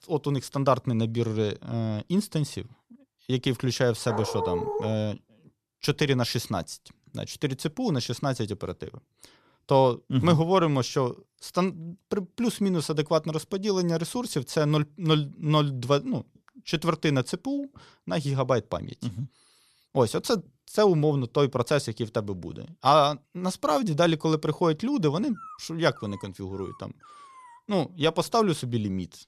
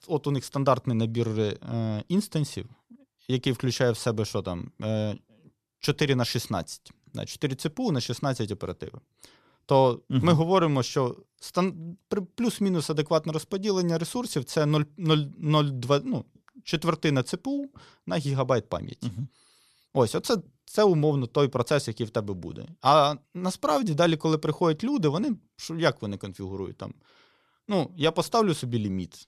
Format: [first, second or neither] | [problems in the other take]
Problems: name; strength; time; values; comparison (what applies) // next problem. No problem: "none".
second | dog barking; noticeable; at 4 s; peak 2 dB below the speech // dog barking; faint; from 25 to 28 s; peak 20 dB below the speech